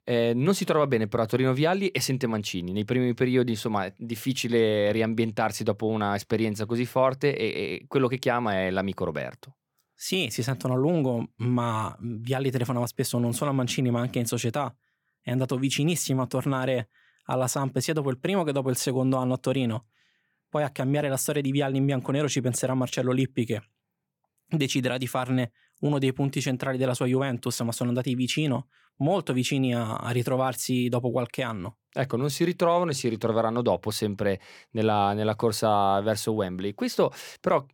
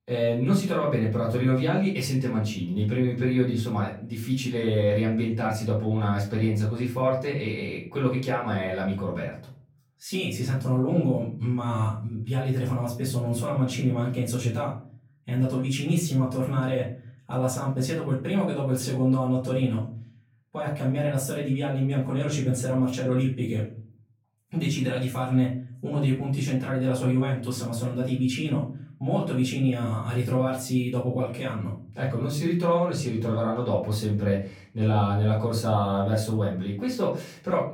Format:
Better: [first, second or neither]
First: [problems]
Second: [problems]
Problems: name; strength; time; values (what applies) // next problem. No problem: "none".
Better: first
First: none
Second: off-mic speech; far // room echo; slight; dies away in 0.5 s